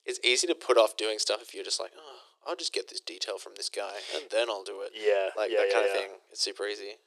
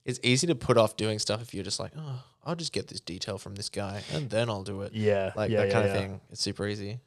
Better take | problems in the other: second | thin; very; fading below 350 Hz

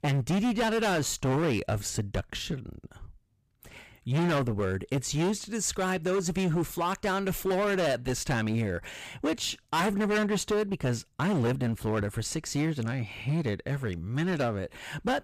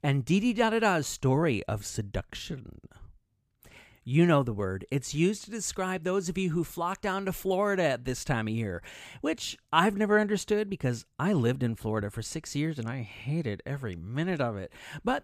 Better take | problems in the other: second | distortion; heavy; 15% of the sound clipped

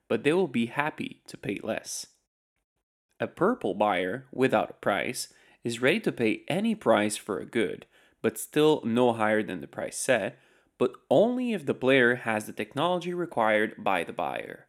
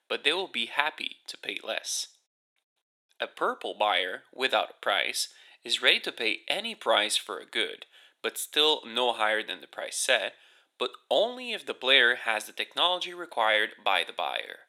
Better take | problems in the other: first | thin; very; fading below 650 Hz

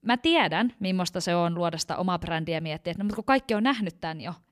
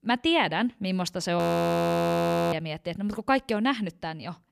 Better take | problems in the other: first | audio freezing; at 1.5 s for 1 s

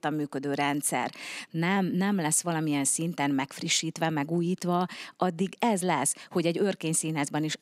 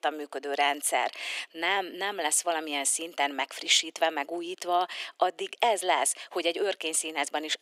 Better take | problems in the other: first | thin; very; fading below 350 Hz

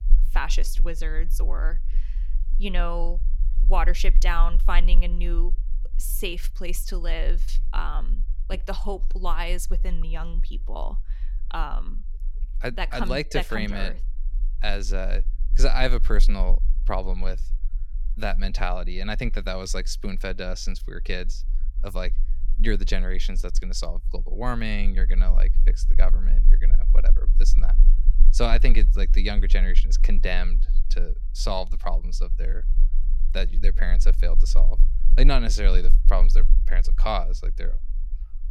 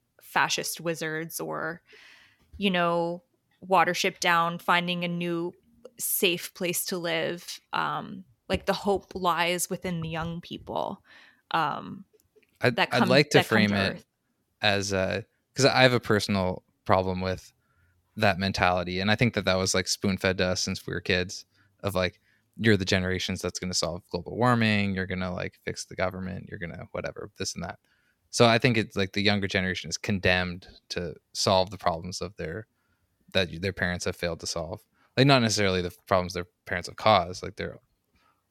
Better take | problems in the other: second | low rumble; faint; throughout; 20 dB below the speech

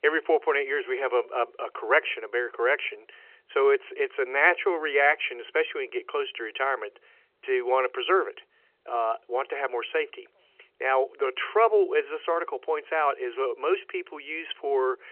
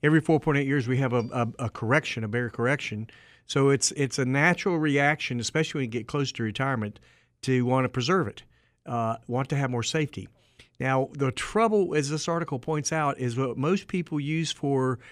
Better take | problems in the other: second | phone-call audio; nothing above 3 kHz

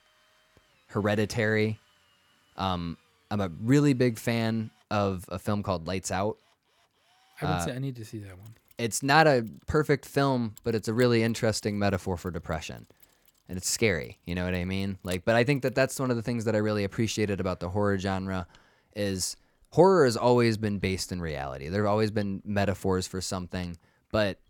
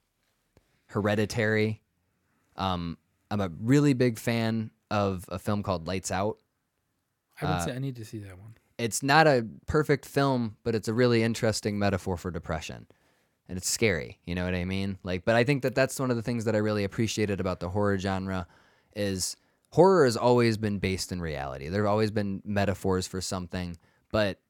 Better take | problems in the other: second | machinery noise; faint; throughout; 30 dB below the speech

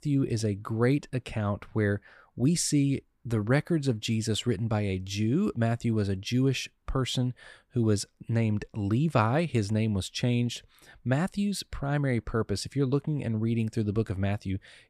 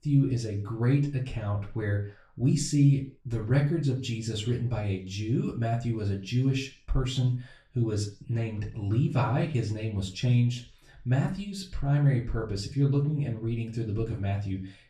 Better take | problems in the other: first | room echo; slight; dies away in 0.3 s // off-mic speech; far

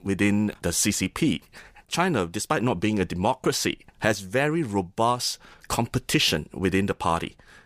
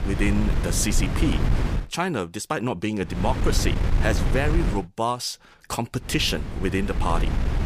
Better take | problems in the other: first | wind noise on the microphone; heavy; until 2 s, from 3 to 5 s and from 6 s on; 7 dB below the speech

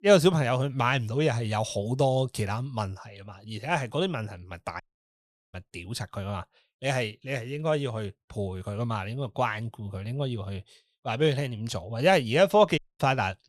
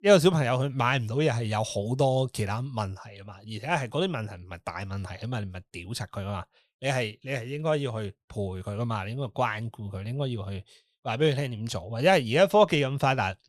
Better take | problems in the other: second | audio cutting out; at 5 s for 0.5 s and at 13 s

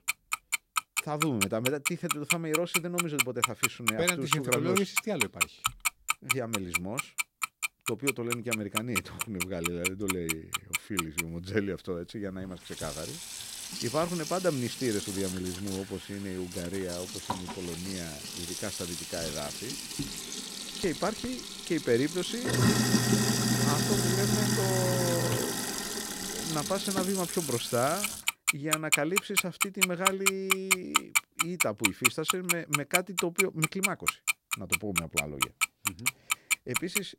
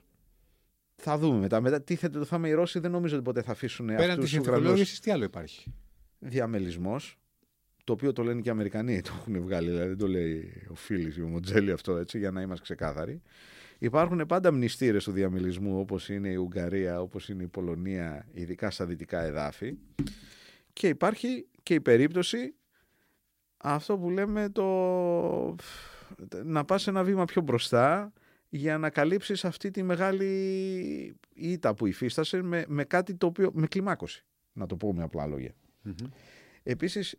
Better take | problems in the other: second | household noises; very loud; throughout; 4 dB above the speech

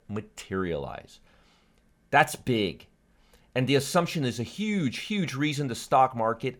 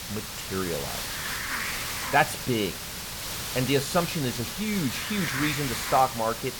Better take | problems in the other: first | hiss; loud; throughout; 3 dB below the speech

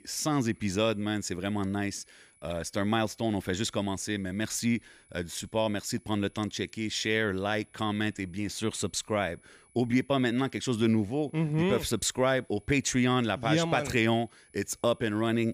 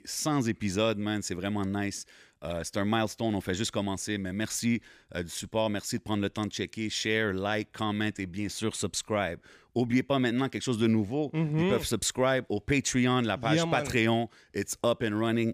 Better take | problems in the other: second | high-pitched whine; faint; throughout; 10 kHz, 30 dB below the speech

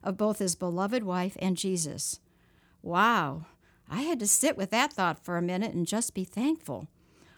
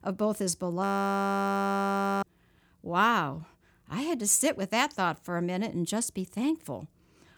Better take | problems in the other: first | audio freezing; at 1 s for 1.5 s

